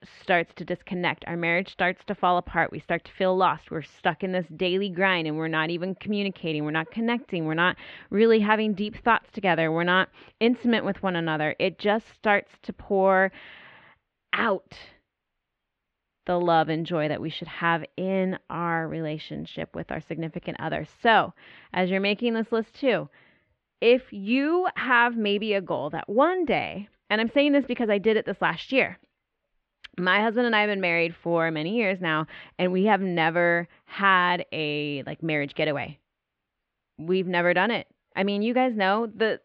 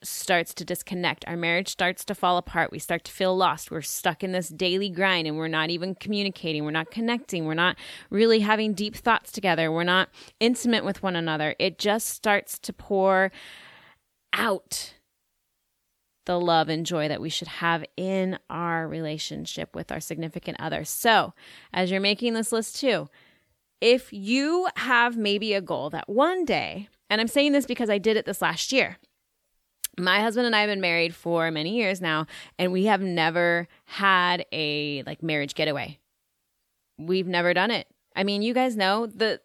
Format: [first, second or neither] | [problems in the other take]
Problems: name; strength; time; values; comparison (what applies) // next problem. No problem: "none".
second | muffled; very; fading above 3 kHz